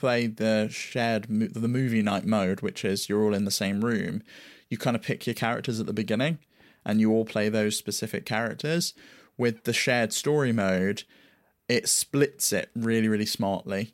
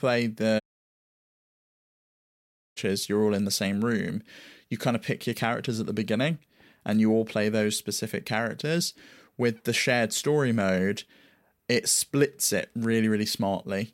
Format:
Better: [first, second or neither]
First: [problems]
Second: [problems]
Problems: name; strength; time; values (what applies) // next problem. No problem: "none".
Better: first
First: none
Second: audio cutting out; at 0.5 s for 2 s